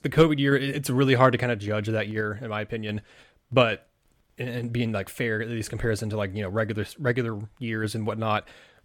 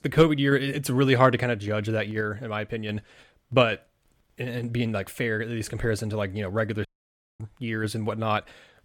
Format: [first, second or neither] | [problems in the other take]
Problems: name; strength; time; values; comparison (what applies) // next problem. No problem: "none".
first | audio cutting out; at 7 s for 0.5 s